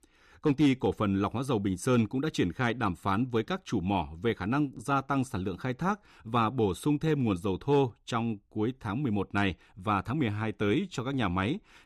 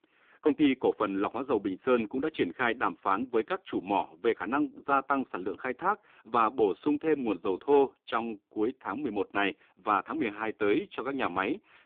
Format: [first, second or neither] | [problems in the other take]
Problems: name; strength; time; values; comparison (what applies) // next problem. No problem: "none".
first | phone-call audio; poor line